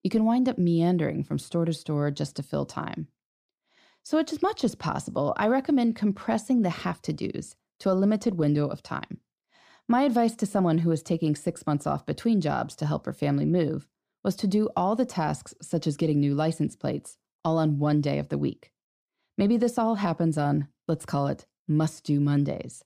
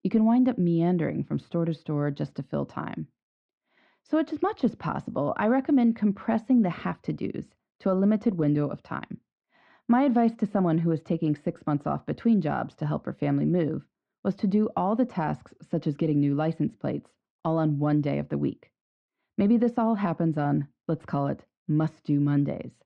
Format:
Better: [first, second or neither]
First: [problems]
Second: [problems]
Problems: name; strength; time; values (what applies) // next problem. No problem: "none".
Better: first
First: none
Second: muffled; slightly; fading above 2 kHz